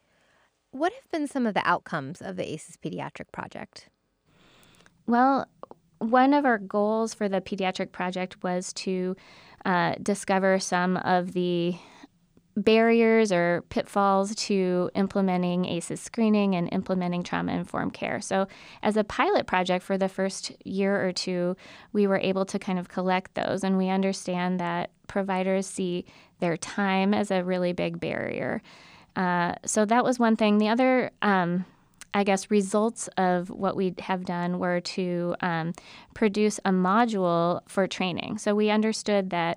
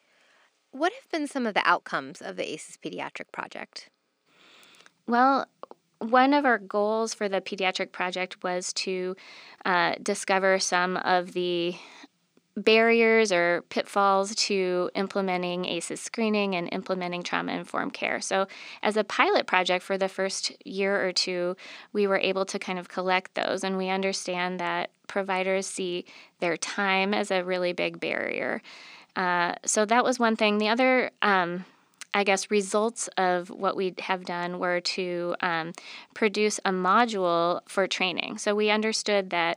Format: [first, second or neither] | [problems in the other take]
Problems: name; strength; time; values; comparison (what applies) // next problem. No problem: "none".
first | thin; very slightly; fading below 300 Hz